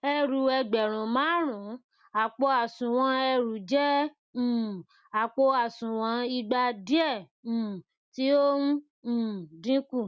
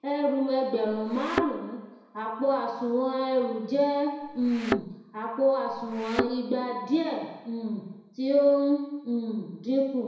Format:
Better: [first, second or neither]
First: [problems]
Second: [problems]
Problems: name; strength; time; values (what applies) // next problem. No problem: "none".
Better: first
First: none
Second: background sound (Thump, thud); 6 dB below the speech // room echo; dies away in 1 s